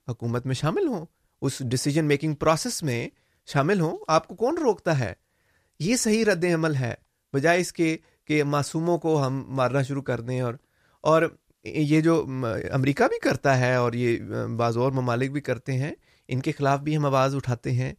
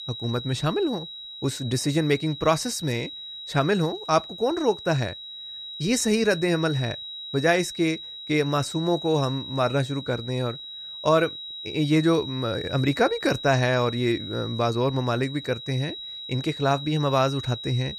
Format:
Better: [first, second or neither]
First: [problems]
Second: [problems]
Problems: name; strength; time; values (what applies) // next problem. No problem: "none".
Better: first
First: none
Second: high-pitched whine; noticeable; throughout; 4 kHz, 10 dB below the speech